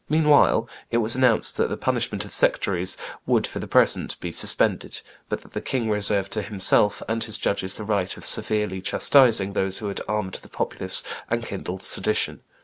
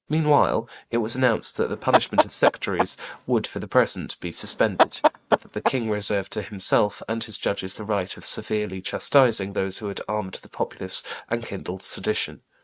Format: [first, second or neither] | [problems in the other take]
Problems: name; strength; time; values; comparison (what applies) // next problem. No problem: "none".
first | noise reduction (neural mask model RNNoise)